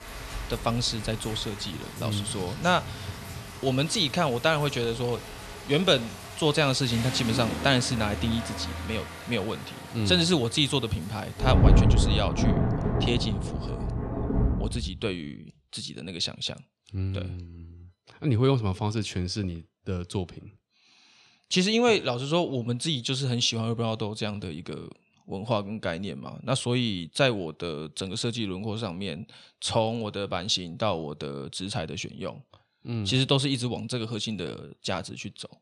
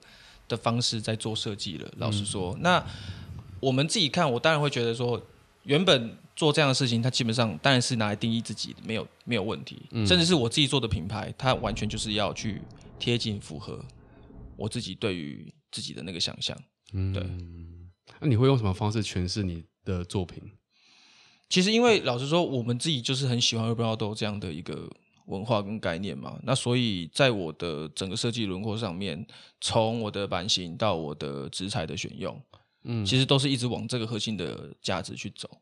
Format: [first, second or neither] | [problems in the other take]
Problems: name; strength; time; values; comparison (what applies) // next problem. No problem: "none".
second | rain or running water; loud; until 14 s; 3 dB below the speech; faint in the second